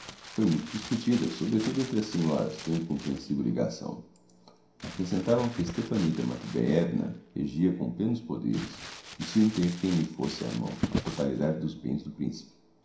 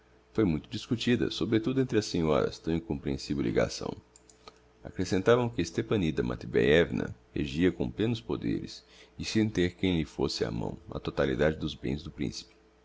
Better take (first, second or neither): second